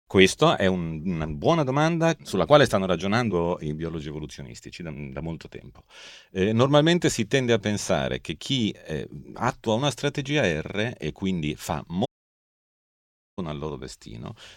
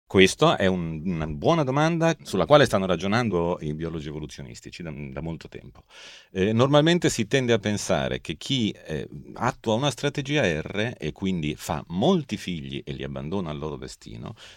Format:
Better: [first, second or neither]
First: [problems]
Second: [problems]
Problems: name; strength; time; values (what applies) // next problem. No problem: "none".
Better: second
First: audio cutting out; at 12 s for 1.5 s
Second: none